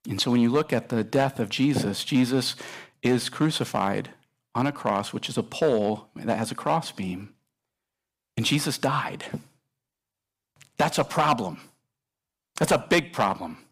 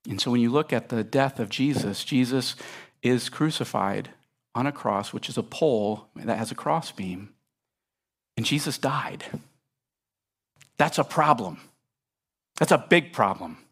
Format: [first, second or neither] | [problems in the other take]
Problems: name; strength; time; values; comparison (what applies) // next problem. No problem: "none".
second | distortion; slight; 1.8% of the sound clipped